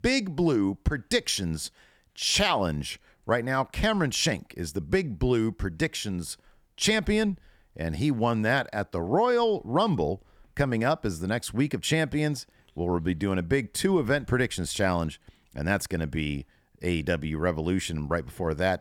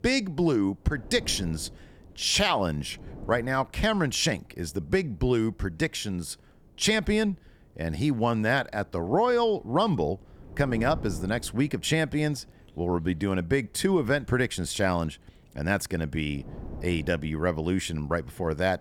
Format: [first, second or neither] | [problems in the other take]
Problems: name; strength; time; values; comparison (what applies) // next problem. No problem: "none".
first | wind noise on the microphone; occasional gusts; 25 dB below the speech